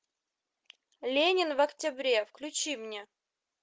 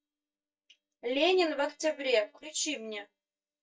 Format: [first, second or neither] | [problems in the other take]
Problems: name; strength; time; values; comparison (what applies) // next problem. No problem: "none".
first | noise reduction (neural mask model DeepFilterNet 3)